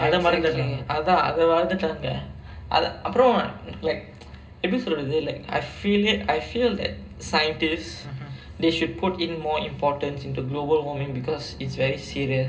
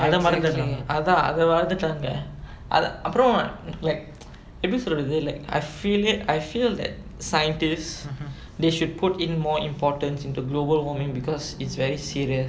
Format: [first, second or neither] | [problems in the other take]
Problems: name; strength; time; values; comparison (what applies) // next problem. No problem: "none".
second | room echo; dies away in 0.2 s